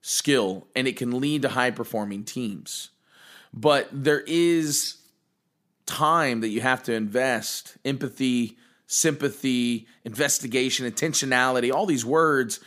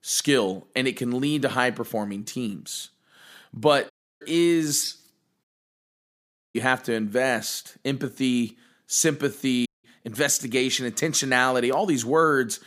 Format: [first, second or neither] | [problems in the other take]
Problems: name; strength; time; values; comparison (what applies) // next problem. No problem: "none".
first | audio cutting out; at 4 s, at 5.5 s for 1 s and at 9.5 s